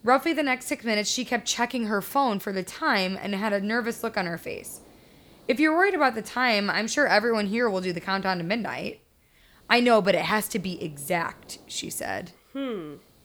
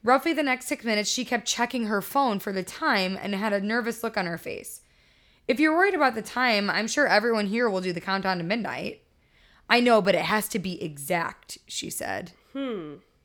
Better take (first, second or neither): second